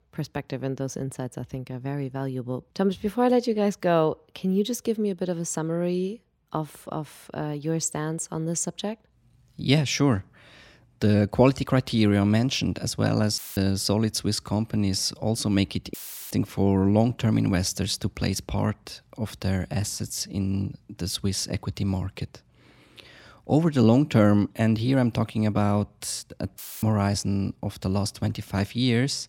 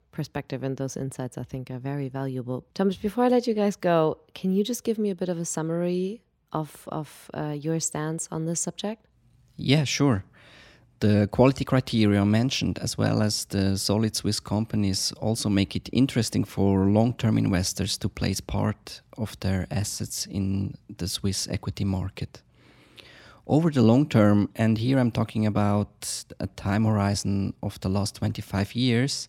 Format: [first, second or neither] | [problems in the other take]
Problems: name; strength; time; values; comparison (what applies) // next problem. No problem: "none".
second | audio cutting out; filled with static; at 13 s, at 16 s and at 27 s